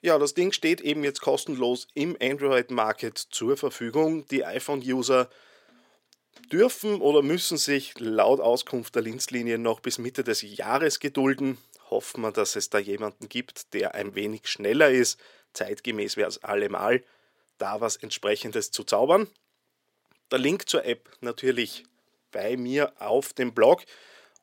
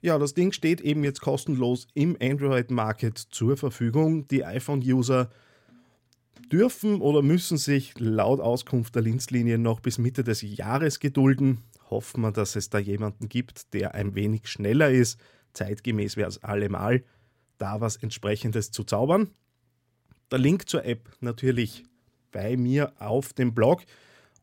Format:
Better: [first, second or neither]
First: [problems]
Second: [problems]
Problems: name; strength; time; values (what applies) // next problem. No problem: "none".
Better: second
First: thin; somewhat; fading below 450 Hz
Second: none